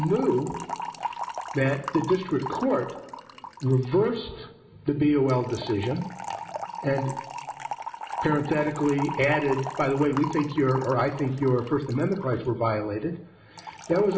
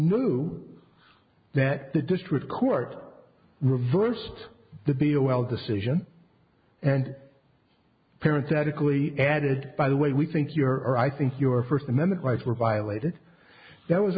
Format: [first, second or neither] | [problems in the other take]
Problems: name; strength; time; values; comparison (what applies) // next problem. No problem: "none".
second | background sound (Fill (with liquid) / Trickle, dribble); 11 dB below the speech // room echo; dies away in 1.2 s